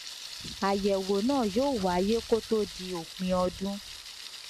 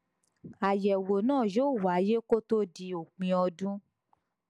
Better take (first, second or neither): second